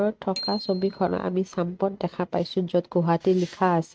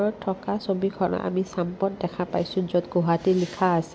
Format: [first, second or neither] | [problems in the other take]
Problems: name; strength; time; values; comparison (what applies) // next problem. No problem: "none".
second | noise reduction (neural mask model RNNoise)